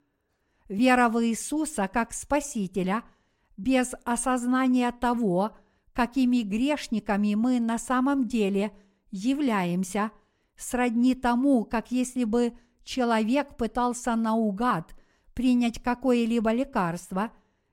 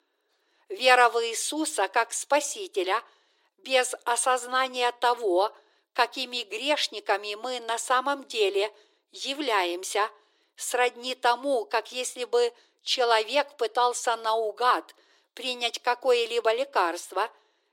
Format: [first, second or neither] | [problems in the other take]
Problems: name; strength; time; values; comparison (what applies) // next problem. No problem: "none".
first | thin; very; fading below 350 Hz